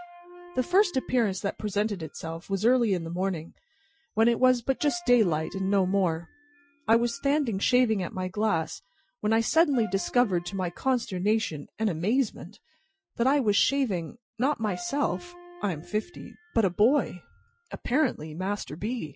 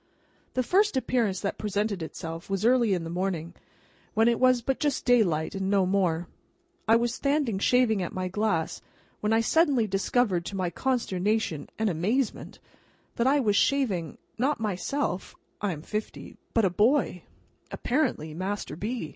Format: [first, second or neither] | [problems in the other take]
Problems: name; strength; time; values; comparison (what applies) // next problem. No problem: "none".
second | noise reduction (classical method Wiener filter)